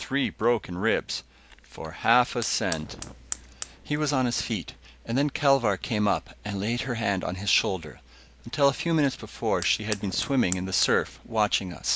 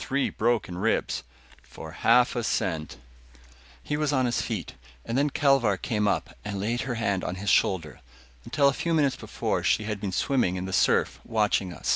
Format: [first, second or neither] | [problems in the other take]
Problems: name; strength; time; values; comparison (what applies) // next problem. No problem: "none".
second | background sound (Fire); 18 dB below the speech